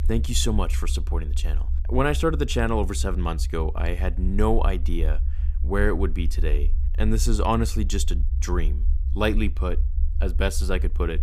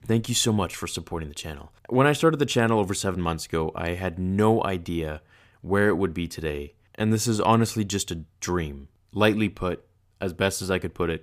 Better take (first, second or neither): second